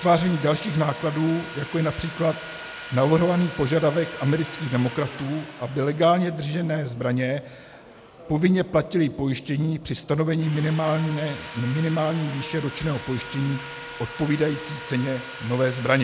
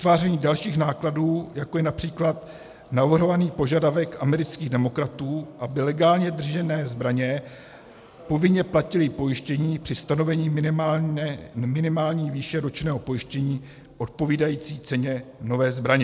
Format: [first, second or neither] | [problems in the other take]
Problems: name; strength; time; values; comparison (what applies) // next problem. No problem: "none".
second | background sound (Sawing); 15 dB below the speech